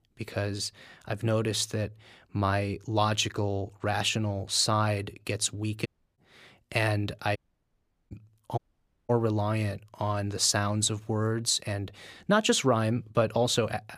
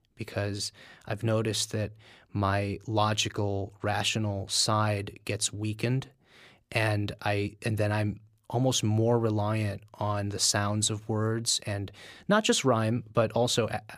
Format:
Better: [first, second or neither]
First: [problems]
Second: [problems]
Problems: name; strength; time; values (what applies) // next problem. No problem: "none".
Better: second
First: audio cutting out; at 6 s, at 7.5 s for 0.5 s and at 8.5 s for 0.5 s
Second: none